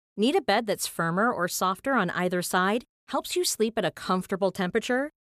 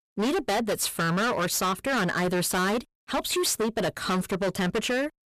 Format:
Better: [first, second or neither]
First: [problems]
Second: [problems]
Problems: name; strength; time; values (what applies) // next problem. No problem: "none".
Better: first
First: none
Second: distortion; heavy; 27% of the sound clipped